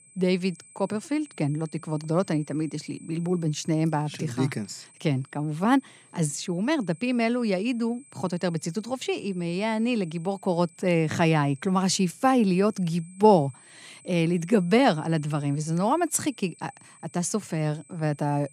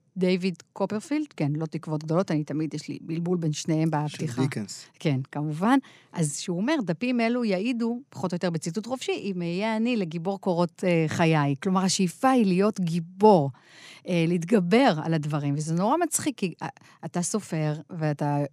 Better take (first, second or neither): second